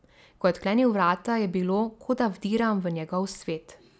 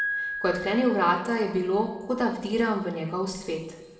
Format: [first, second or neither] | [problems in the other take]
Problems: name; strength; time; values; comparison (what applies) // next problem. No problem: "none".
first | background sound (Piano); 11 dB below the speech // room echo; dies away in 0.9 s